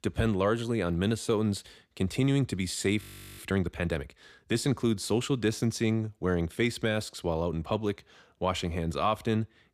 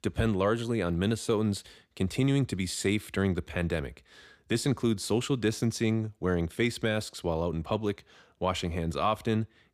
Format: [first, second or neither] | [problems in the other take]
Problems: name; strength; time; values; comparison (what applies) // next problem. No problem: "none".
second | audio freezing; at 3 s